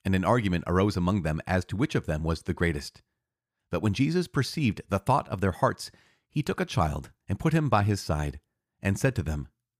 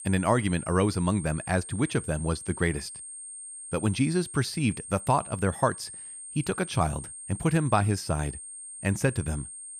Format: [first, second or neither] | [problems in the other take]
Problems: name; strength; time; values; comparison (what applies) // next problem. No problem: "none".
first | high-pitched whine; noticeable; throughout; 8.5 kHz, 10 dB below the speech